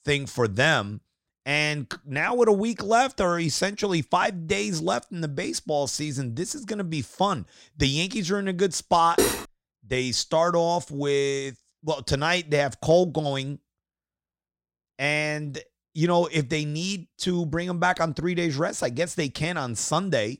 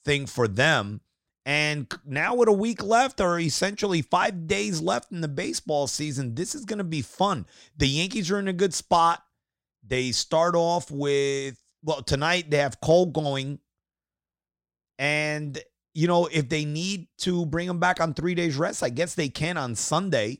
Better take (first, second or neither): second